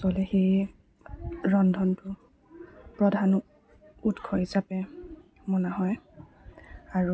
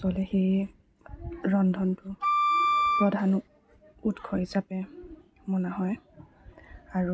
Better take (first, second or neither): first